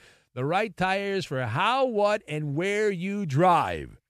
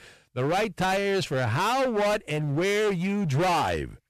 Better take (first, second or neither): first